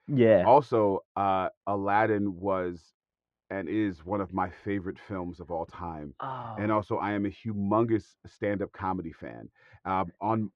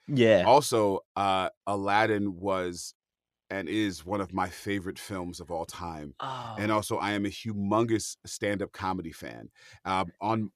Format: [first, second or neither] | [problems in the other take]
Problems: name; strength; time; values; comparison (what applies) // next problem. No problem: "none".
second | muffled; very; fading above 1.5 kHz